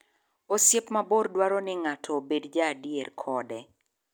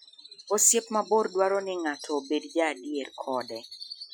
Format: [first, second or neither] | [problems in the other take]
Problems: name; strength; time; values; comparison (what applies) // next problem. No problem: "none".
first | noise reduction (classical method Wiener filter)